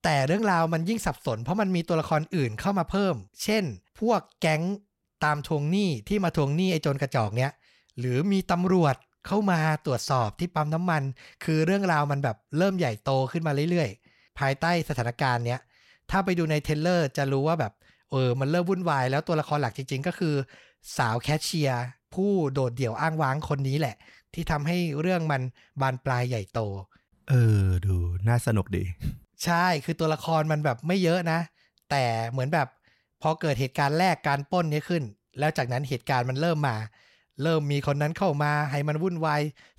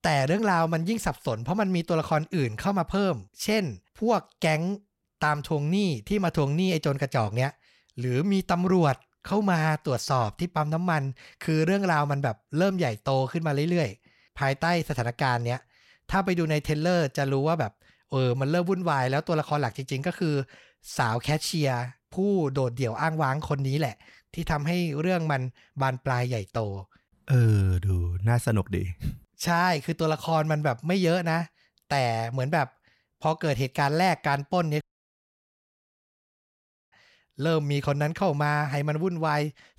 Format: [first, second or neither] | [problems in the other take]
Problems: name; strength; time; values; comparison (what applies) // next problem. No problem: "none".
first | audio cutting out; at 35 s for 2 s